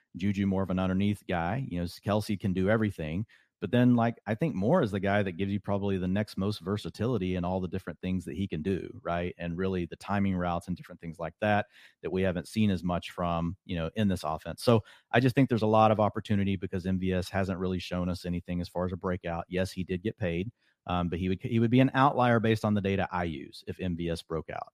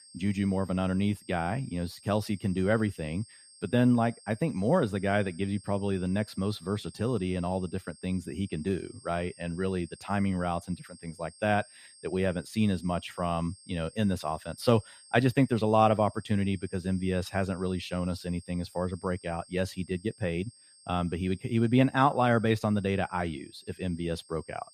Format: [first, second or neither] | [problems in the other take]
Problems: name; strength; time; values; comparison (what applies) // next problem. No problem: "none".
first | high-pitched whine; faint; throughout; 8.5 kHz, 25 dB below the speech